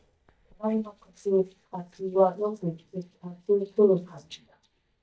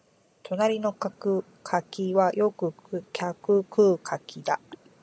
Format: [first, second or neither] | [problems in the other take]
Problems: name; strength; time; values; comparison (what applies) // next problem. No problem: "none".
second | noise reduction (neural mask model DeepFilterNet 3)